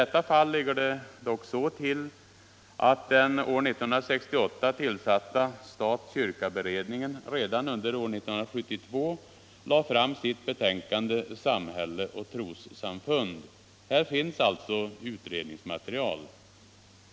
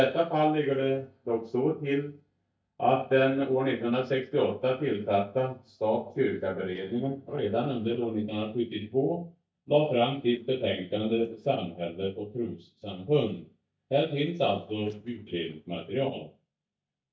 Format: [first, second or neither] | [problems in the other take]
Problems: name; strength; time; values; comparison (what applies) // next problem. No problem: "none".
first | noise reduction (neural mask model DeepFilterNet 3)